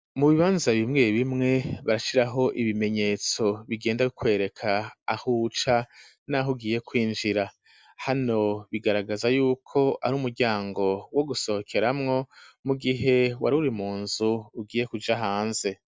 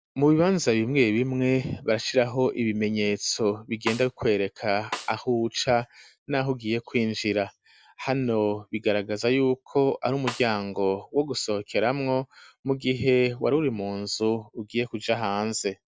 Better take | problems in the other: first | background sound (Snare drum); 12 dB below the speech

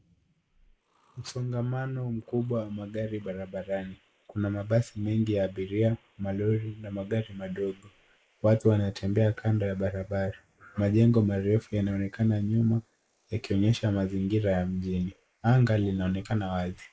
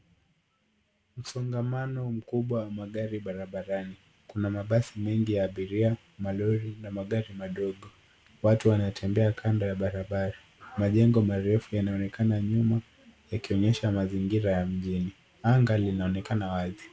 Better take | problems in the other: second | noise reduction (neural mask model Resemble Enhance denoiser)

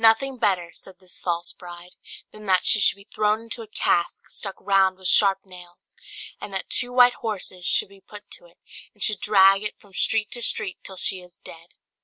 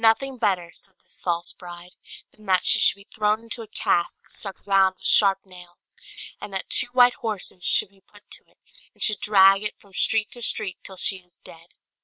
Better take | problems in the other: first | noise reduction (neural separator model SepFormer WHAM!)

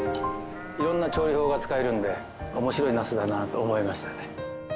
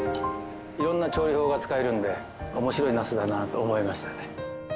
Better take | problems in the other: second | background sound (Livestock, farm animals, working animals); 15 dB below the speech

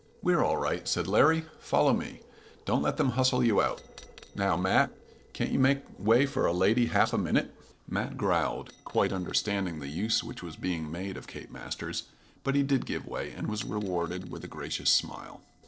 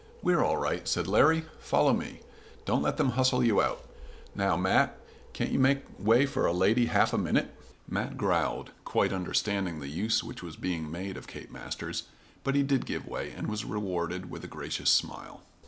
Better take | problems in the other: second | noise reduction (neural separator model SepFormer DNS4)

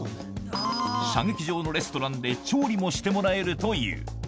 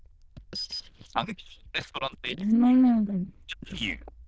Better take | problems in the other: first | noise reduction (neural diffusion model UNIVERSE++)

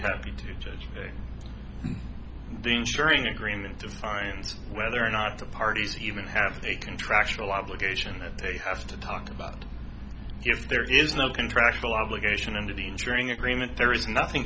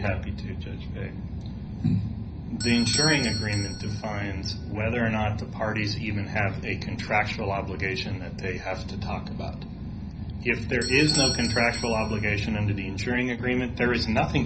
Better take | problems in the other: first | background sound (Bell / Doorbell); 10 dB below the speech // room echo; dies away in 0.5 s

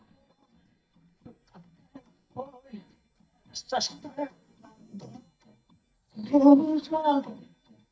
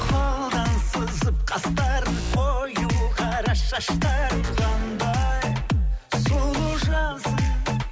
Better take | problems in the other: second | noise reduction (neural mask model DeepFilterNet 3)

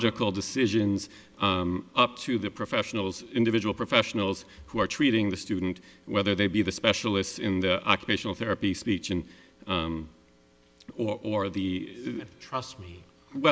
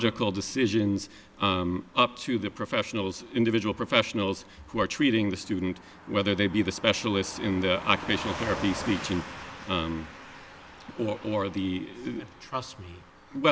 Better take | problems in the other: first | background sound (Car passing by / Truck); 15 dB below the speech

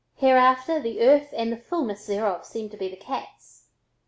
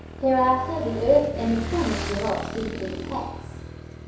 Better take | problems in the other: first | background sound (Motorcycle / Engine); 8 dB below the speech // room echo; dies away in 0.7 s

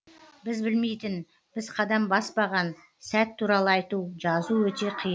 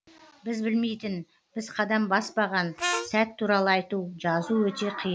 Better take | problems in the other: first | background sound (Harmonica); 4 dB below the speech

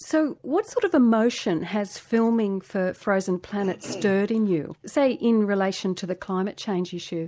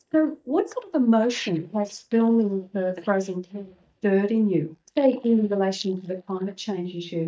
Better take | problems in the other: first | noise reduction (neural mask model DeepFilterNet 3)

